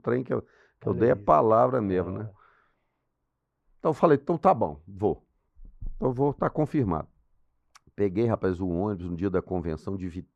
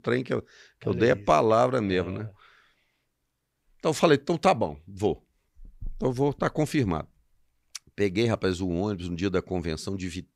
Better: second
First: muffled; very; fading above 1.5 kHz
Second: none

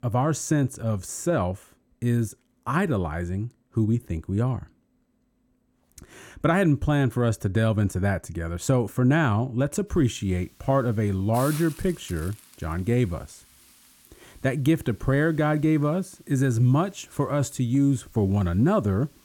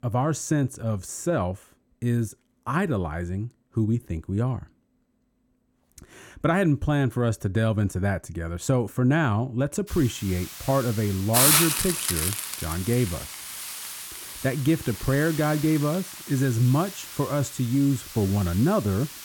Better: first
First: hiss; faint; from 10 s on; 20 dB below the speech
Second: hiss; loud; from 10 s on; 2 dB below the speech

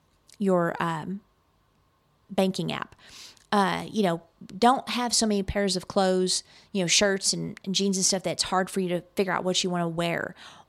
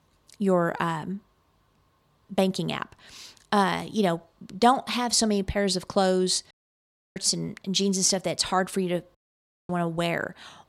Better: first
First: none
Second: audio cutting out; at 6.5 s for 0.5 s and at 9 s for 0.5 s

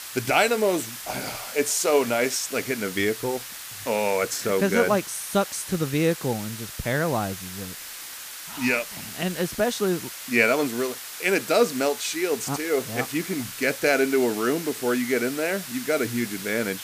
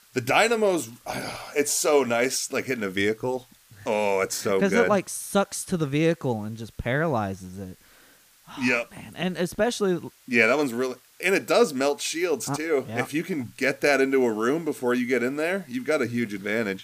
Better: second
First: hiss; loud; throughout; 10 dB below the speech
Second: hiss; faint; throughout; 30 dB below the speech

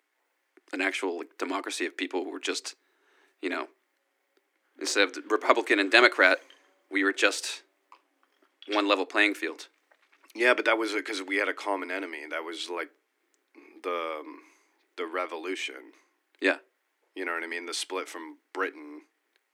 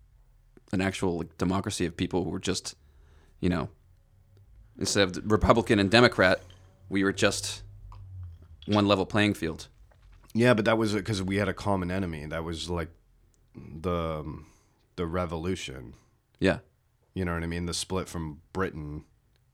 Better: second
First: thin; somewhat; fading below 300 Hz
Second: none

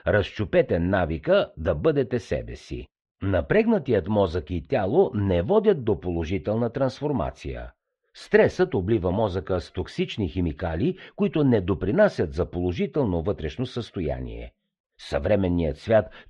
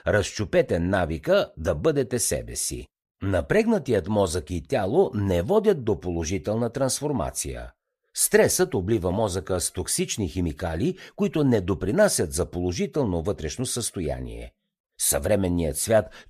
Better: second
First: muffled; very; fading above 3.5 kHz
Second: none

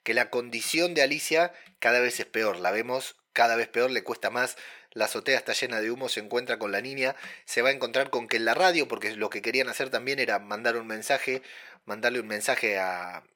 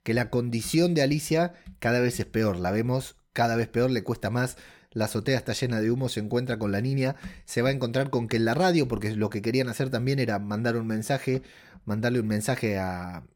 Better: second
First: thin; very; fading below 550 Hz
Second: none

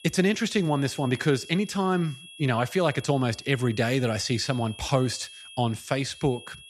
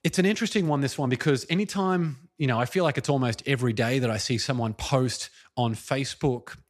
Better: second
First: high-pitched whine; noticeable; throughout; 3.5 kHz, 15 dB below the speech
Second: none

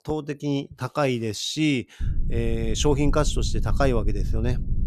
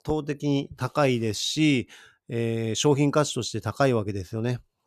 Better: second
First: low rumble; noticeable; from 2 s on; 15 dB below the speech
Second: none

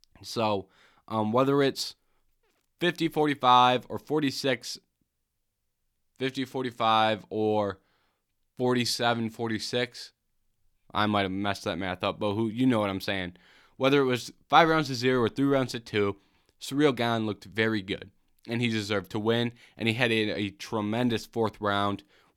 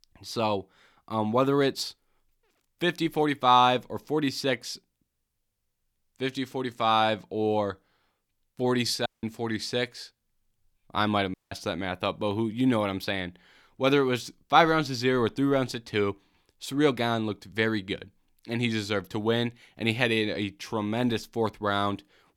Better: first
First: none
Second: audio cutting out; at 9 s and at 11 s

